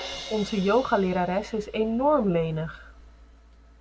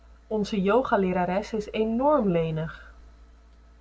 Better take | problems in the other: second | background sound (Crash cymbal); 18 dB below the speech

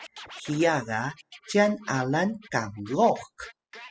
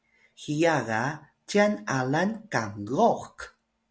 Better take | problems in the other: second | noise reduction (classical method spectral subtraction)

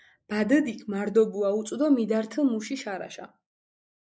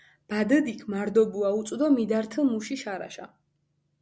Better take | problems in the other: second | noise reduction (neural mask model Resemble Enhance denoiser)

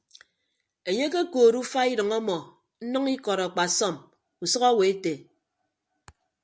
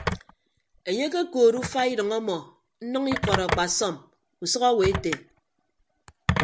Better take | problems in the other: first | background sound (Telephone); 6 dB below the speech

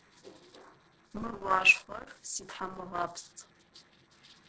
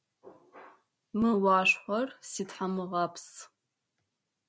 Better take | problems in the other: second | noise reduction (neural separator model SepFormer DNS4)

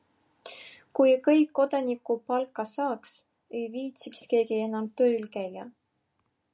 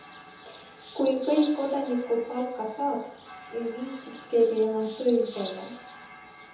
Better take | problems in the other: first | background sound (Bird); 18 dB below the speech // room echo; dies away in 0.7 s

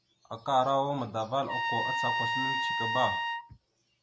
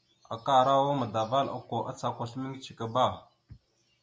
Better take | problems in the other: second | background sound (Trumpet); 1 dB above the speech

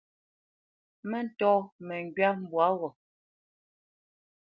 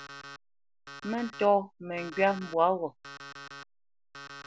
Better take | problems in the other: first | background sound (Alarm); 16 dB below the speech

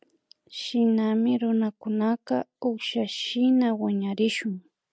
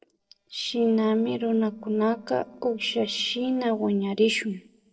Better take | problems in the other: first | noise reduction (neural separator model SepFormer DNS4)

